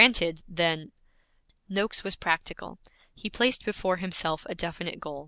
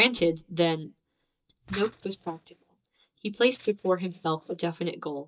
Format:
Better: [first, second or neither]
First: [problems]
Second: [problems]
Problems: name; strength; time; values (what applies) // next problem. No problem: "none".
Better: first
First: none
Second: noise reduction (neural mask model DeepFilterNet 3)